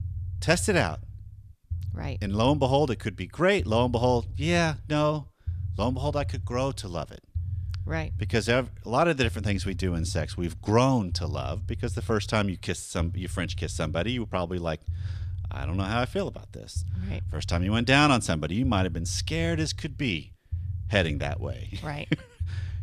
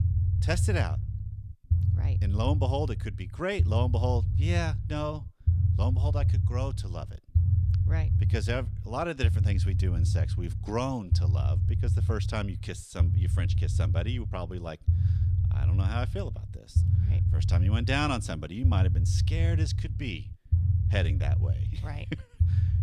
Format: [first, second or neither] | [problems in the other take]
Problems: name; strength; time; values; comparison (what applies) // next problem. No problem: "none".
first | low rumble; loud; throughout; 7 dB below the speech; faint in the first